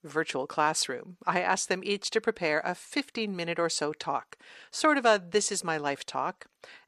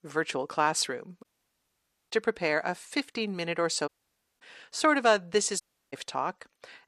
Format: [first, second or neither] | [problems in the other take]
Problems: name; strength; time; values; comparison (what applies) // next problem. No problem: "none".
first | audio cutting out; at 1 s for 1 s, at 4 s for 0.5 s and at 5.5 s